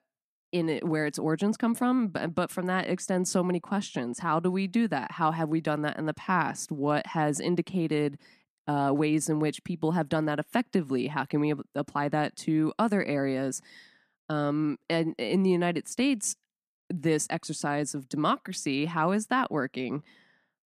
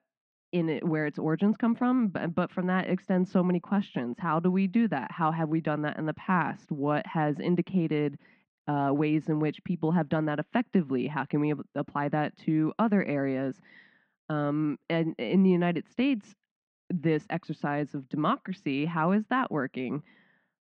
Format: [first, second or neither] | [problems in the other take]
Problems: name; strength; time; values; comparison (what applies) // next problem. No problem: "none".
first | muffled; very; fading above 3 kHz